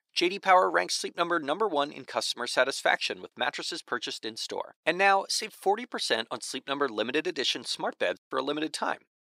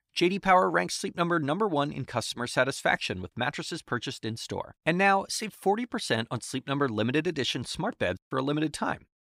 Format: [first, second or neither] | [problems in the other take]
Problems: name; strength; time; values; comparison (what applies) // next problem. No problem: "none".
second | thin; somewhat; fading below 450 Hz